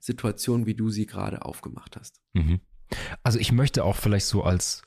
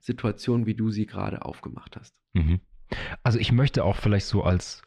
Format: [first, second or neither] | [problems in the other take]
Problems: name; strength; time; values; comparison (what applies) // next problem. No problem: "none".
first | muffled; slightly; fading above 3 kHz